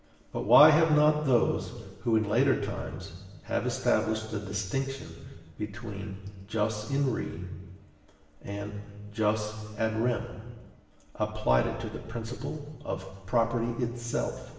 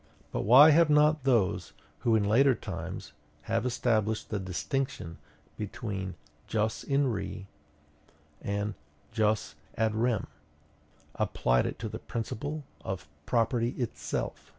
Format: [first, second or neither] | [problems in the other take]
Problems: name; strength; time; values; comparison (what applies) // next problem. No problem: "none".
second | room echo; dies away in 1.3 s